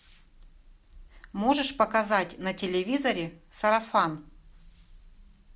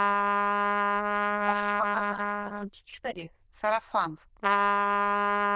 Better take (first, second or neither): first